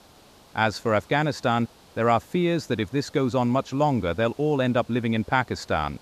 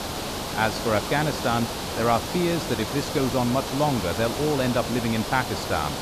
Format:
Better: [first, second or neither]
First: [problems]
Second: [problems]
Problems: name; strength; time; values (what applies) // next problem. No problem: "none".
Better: first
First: hiss; faint; throughout; 25 dB below the speech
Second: hiss; loud; throughout; 4 dB below the speech